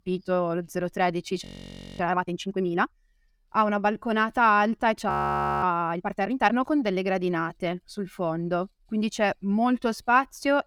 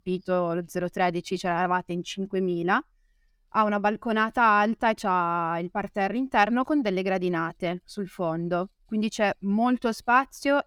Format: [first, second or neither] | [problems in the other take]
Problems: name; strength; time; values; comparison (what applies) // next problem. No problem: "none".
second | audio freezing; at 1.5 s for 0.5 s and at 5 s for 0.5 s